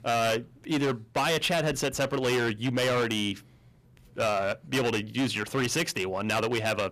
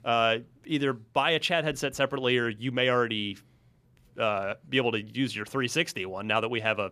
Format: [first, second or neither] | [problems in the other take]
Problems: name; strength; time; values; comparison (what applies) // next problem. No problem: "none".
second | distortion; heavy; 19% of the sound clipped